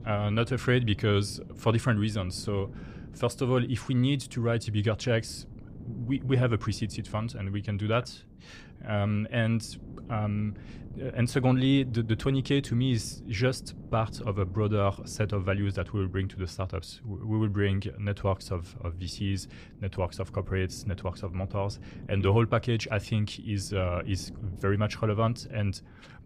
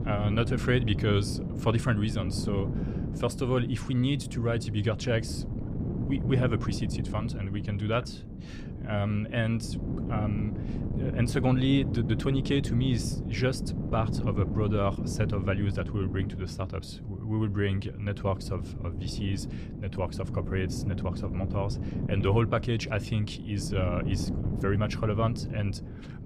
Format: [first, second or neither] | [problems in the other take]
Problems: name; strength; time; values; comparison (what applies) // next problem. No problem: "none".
first | wind noise on the microphone; heavy; 9 dB below the speech; occasional gusts in the first